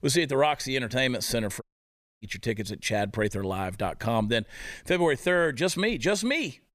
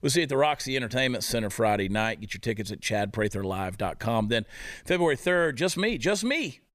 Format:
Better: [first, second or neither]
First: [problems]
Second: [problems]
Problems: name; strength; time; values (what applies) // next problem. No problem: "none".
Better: second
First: audio cutting out; at 1.5 s for 0.5 s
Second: none